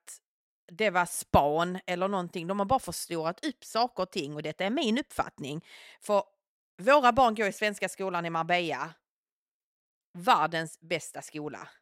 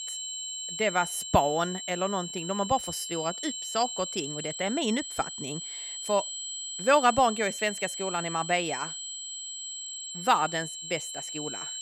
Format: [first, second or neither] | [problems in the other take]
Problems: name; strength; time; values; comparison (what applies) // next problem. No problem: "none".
first | high-pitched whine; loud; throughout; 7.5 kHz, 6 dB below the speech